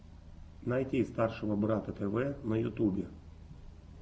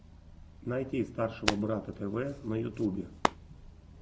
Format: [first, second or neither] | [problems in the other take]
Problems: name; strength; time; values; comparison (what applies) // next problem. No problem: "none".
first | background sound (Hands); 3 dB below the speech